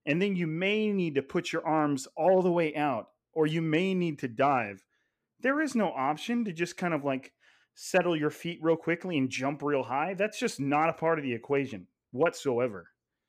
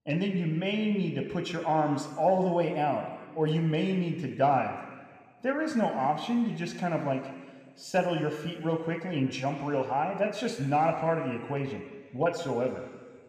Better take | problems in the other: first | room echo; slight; dies away in 1.8 s

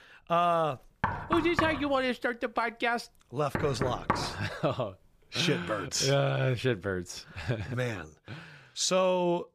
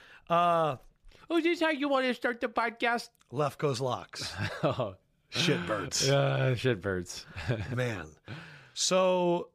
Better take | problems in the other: second | door banging; noticeable; from 1 to 4.5 s; peak 1 dB below the speech

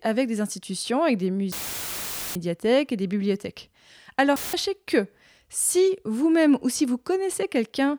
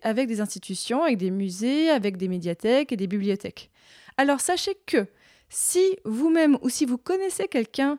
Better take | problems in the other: second | audio cutting out; filled with static; at 1.5 s for 1 s and at 4.5 s

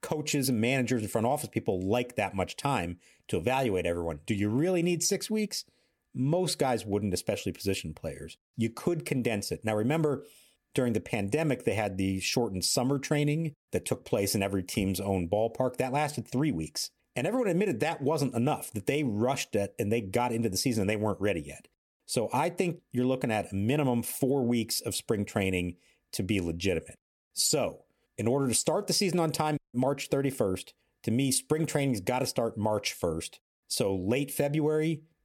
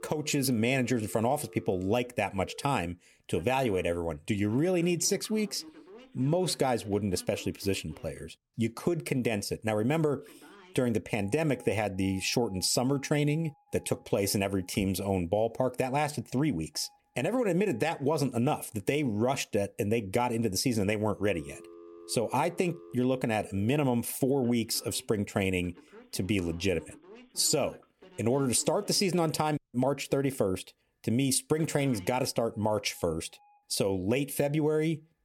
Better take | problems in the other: first | alarms or sirens; faint; throughout; 25 dB below the speech

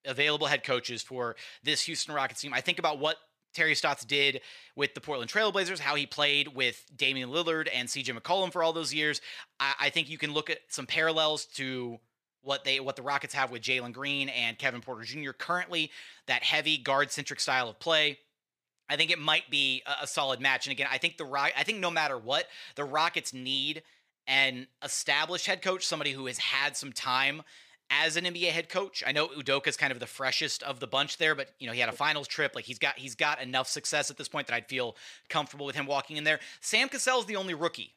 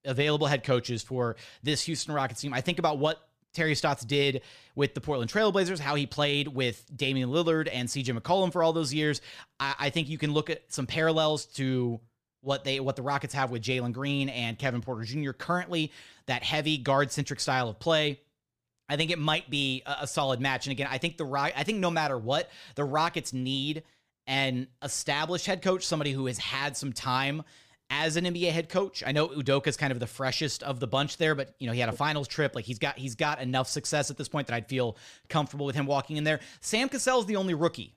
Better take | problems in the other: second | thin; somewhat; fading below 1 kHz

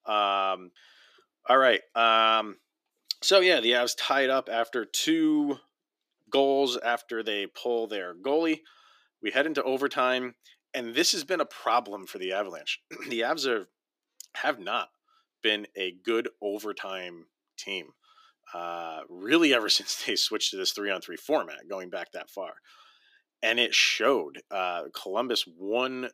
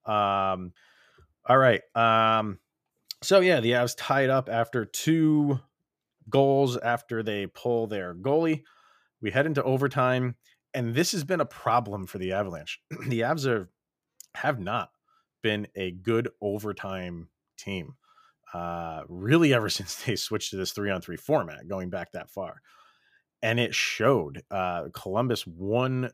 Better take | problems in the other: second | thin; very slightly; fading below 300 Hz

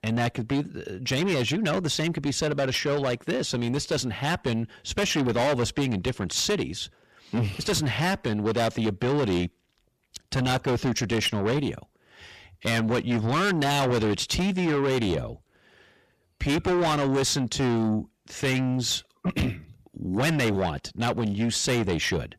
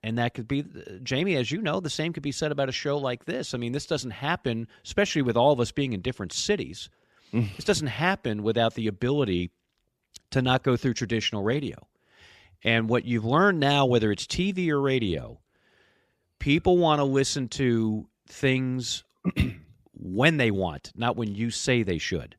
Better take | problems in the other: second | distortion; heavy; 6 dB below the speech

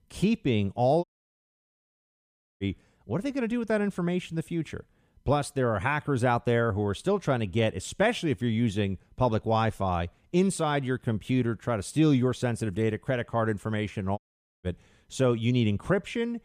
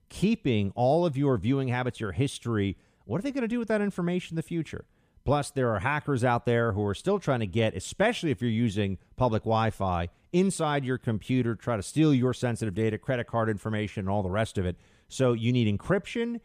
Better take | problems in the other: second | audio cutting out; at 1 s for 1.5 s and at 14 s

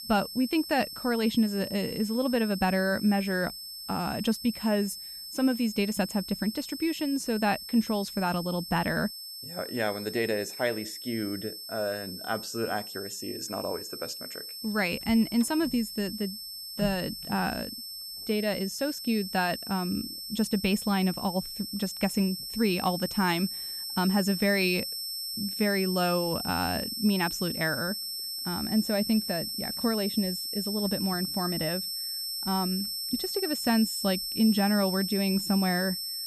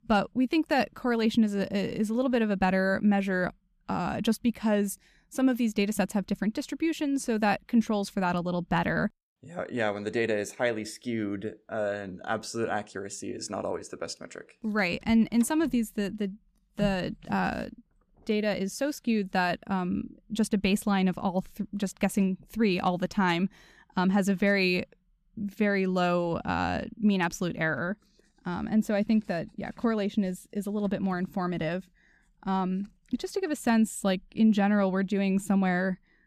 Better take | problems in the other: second | high-pitched whine; loud; throughout; 5.5 kHz, 5 dB below the speech

